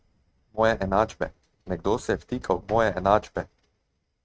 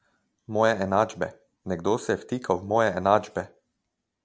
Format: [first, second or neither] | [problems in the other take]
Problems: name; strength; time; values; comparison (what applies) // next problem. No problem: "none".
second | noise reduction (neural mask model RNNoise)